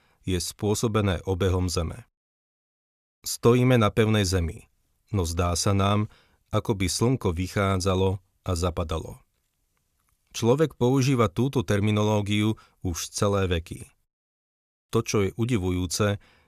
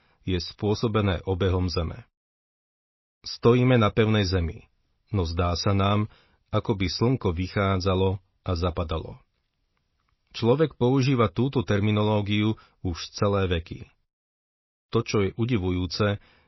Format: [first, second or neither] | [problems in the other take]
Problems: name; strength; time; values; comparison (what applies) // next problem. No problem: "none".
first | garbled, watery; slightly; nothing above 5.5 kHz